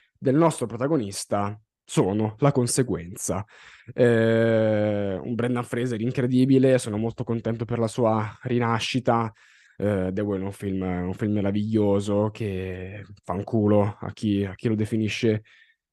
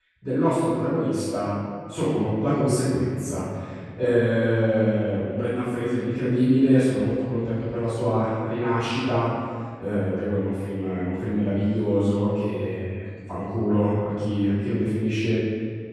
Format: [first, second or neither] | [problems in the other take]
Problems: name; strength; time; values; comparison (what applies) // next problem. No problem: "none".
first | off-mic speech; far // room echo; strong; dies away in 1.9 s